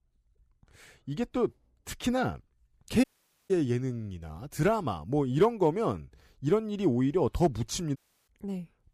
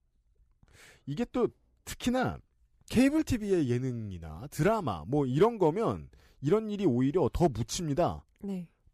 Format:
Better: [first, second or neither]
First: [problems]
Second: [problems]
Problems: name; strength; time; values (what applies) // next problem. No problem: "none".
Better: second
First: audio cutting out; at 3 s and at 8 s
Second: none